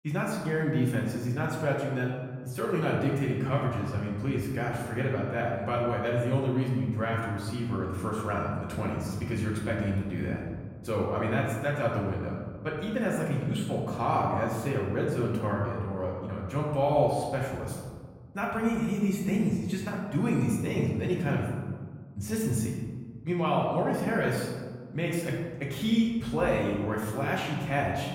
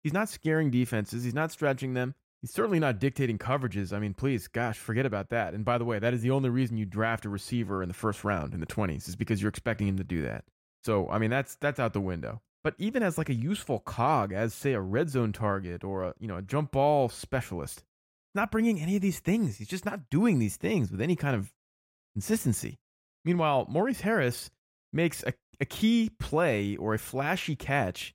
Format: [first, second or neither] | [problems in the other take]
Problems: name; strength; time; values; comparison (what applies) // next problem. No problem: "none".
second | room echo; noticeable; dies away in 1.4 s // off-mic speech; far